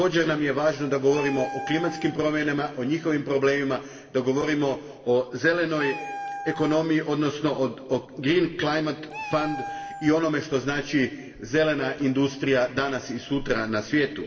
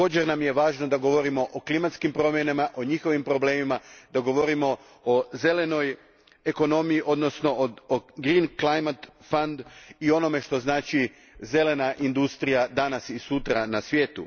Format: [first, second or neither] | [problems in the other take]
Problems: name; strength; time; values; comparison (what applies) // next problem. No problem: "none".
second | background sound (Meow); 14 dB below the speech // room echo; dies away in 1.4 s